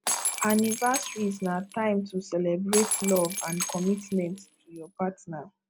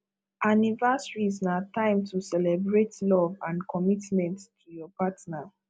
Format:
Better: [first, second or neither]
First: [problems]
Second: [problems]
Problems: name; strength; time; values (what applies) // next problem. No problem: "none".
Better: second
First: background sound (Shatter); 6 dB below the speech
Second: none